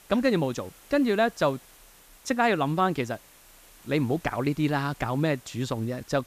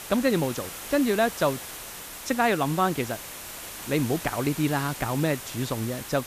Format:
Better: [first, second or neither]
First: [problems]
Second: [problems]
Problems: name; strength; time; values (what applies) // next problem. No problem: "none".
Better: first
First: hiss; faint; throughout; 25 dB below the speech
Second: hiss; loud; throughout; 10 dB below the speech